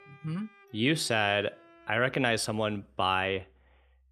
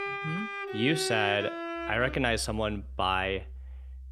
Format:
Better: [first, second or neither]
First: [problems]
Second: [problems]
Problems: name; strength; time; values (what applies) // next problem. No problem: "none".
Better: first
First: background music; faint; throughout; 30 dB below the speech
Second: background music; loud; throughout; 8 dB below the speech